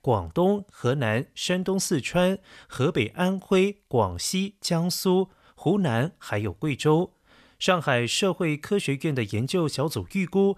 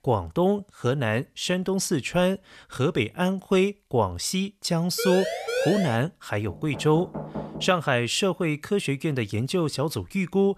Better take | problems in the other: first | siren; noticeable; at 5 s; peak 1 dB below the speech // door banging; noticeable; from 6.5 to 7.5 s; peak 9 dB below the speech

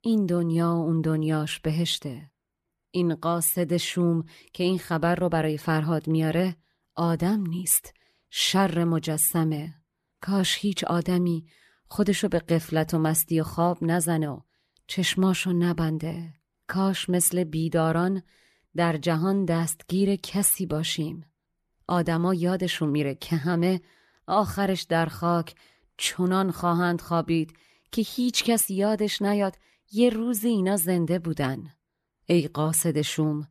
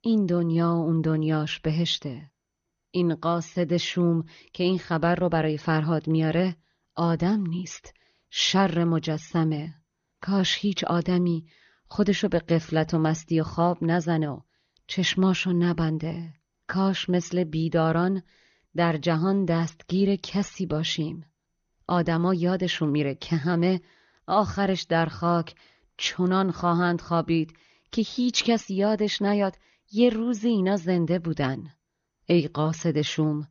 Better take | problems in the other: first | garbled, watery; slightly; nothing above 6.5 kHz

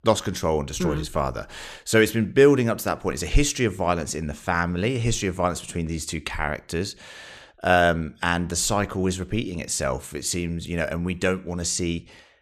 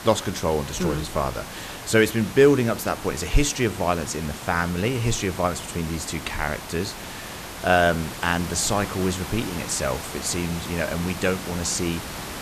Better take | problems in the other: first | hiss; noticeable; throughout; 10 dB below the speech

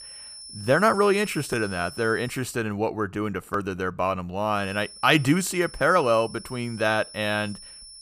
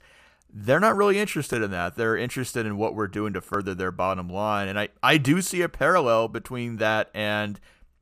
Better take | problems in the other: second | high-pitched whine; noticeable; until 2.5 s and from 4.5 s on; 5.5 kHz, 15 dB below the speech

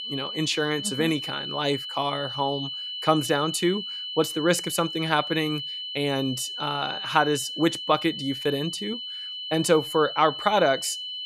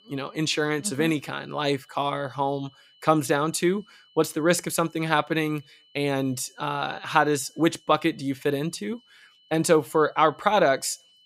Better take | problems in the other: second | high-pitched whine; loud; throughout; 3 kHz, 6 dB below the speech; faint in the second

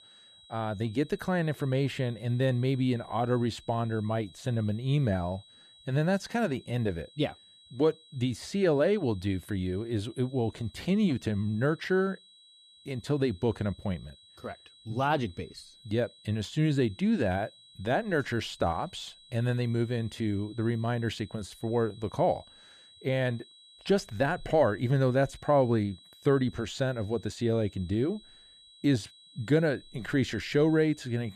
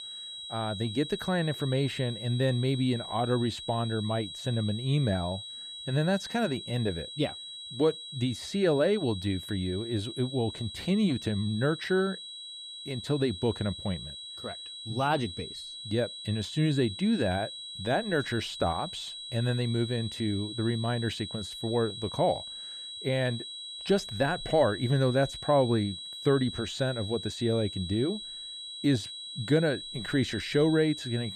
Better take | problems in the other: first | high-pitched whine; loud; throughout; 4 kHz, 9 dB below the speech; faint in the first

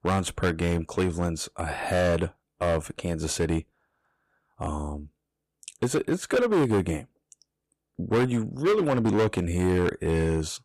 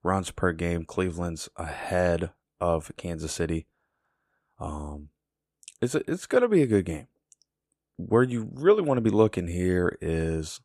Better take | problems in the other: second | distortion; heavy; 8% of the sound clipped

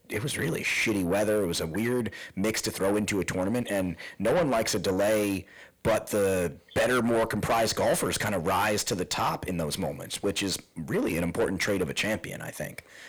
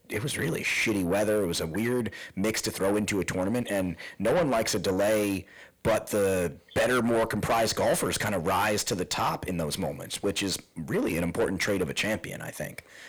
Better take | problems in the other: neither | distortion; heavy; 6 dB below the speech; the same in both

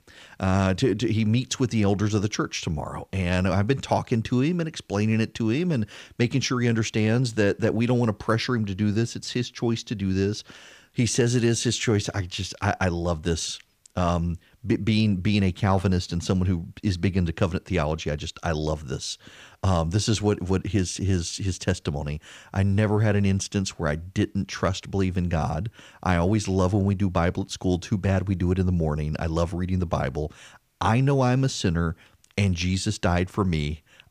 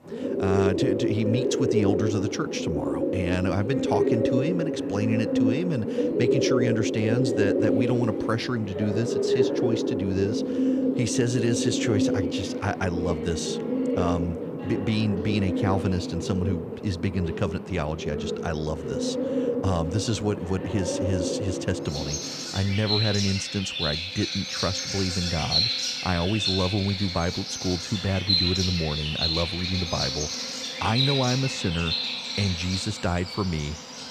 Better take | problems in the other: first | animal sounds; very loud; throughout; 1 dB above the speech

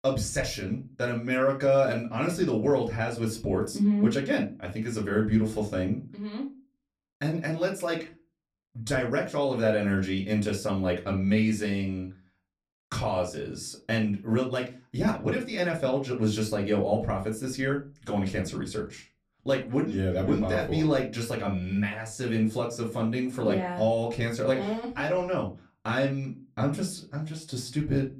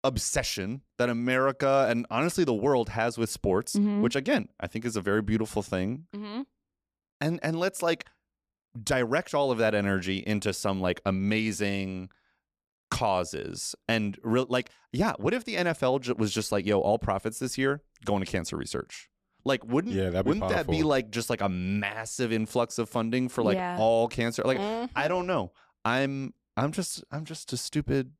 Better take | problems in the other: second | off-mic speech; far // room echo; very slight; dies away in 0.3 s

